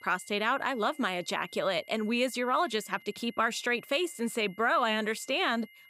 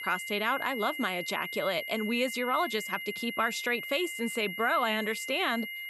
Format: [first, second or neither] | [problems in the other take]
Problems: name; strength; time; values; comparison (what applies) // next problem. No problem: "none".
first | high-pitched whine; loud; throughout; 2 kHz, 6 dB below the speech; faint in the first